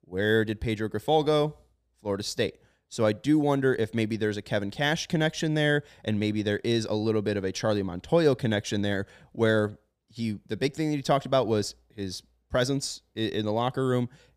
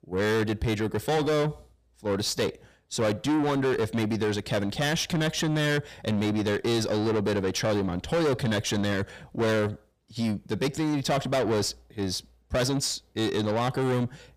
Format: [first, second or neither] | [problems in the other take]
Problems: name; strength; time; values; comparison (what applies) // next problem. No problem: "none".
first | distortion; heavy; 7 dB below the speech